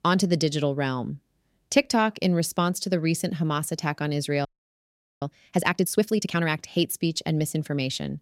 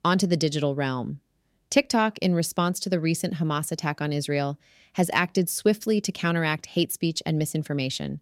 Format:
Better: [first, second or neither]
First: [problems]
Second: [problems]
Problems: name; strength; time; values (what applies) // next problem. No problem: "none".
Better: second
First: audio freezing; at 4.5 s for 1 s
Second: none